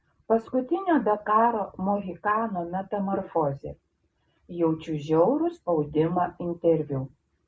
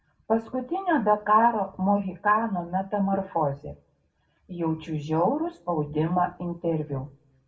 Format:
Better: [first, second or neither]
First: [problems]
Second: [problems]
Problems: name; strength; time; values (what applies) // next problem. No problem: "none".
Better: first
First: none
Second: room echo; dies away in 0.2 s